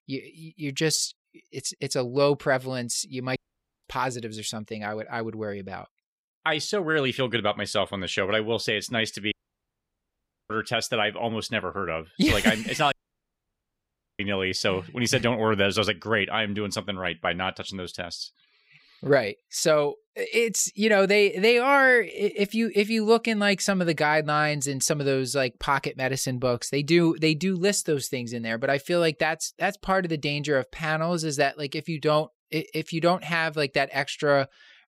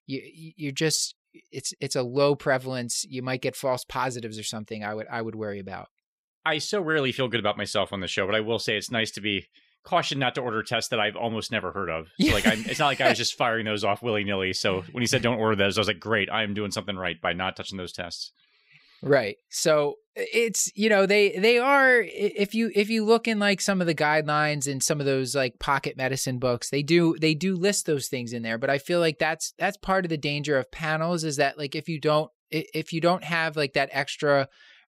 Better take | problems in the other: second | audio cutting out; at 3.5 s, at 9.5 s for 1 s and at 13 s for 1.5 s

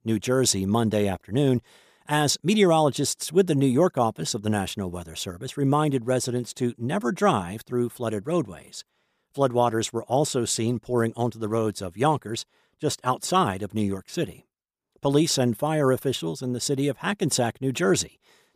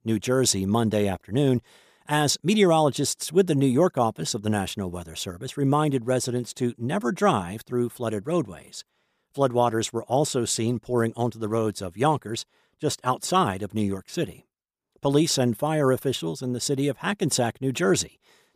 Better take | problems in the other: neither | none

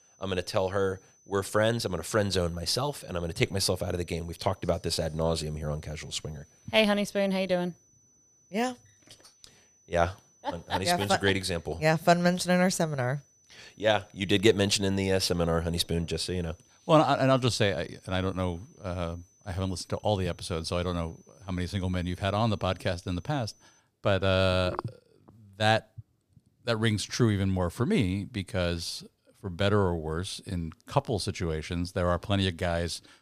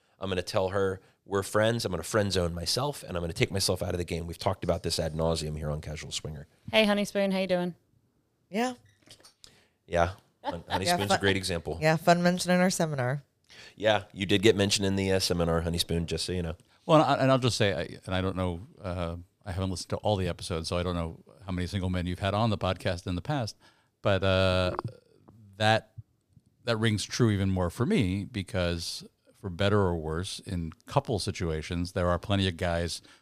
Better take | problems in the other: second | high-pitched whine; faint; until 24 s; 6 kHz, 30 dB below the speech

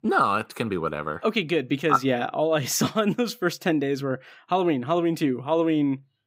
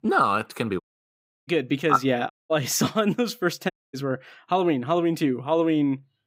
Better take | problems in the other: first | audio cutting out; at 1 s for 0.5 s, at 2.5 s and at 3.5 s

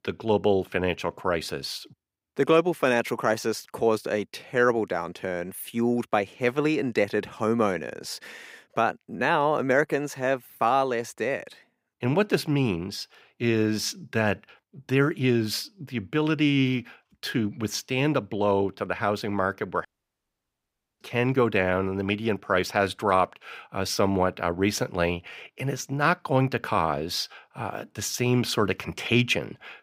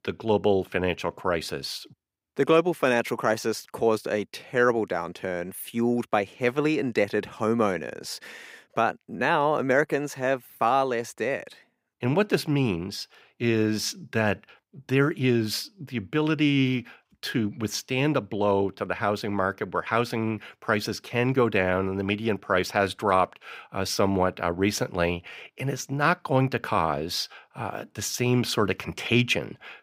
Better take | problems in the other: second | audio cutting out; at 20 s for 1 s

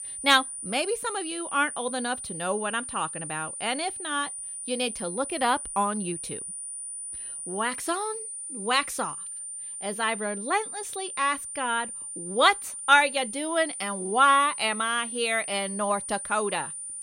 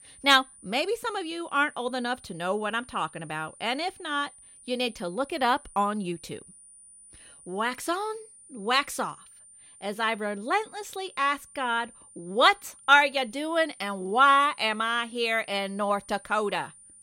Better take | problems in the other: second | high-pitched whine; loud; throughout; 9.5 kHz, 7 dB below the speech; faint in the second

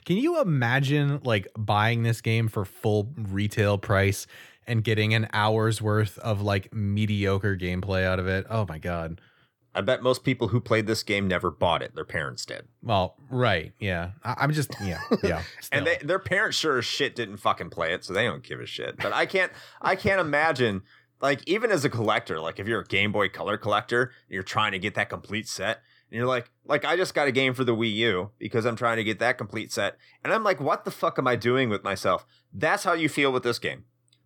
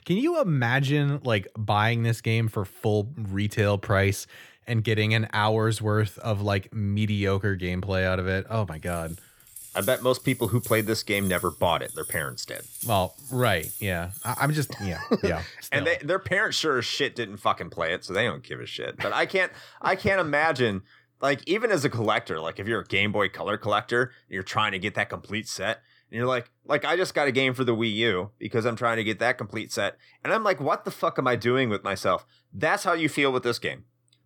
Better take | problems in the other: first | jangling keys; noticeable; from 9 to 15 s; peak 8 dB below the speech

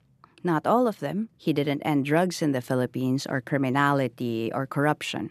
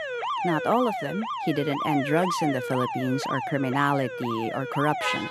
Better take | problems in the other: first | alarms or sirens; loud; throughout; 3 dB below the speech

